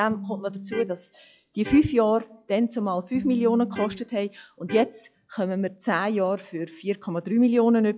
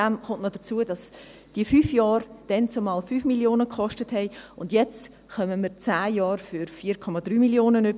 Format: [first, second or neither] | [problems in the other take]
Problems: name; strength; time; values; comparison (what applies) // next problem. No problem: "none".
second | noise reduction (classical method log-MMSE)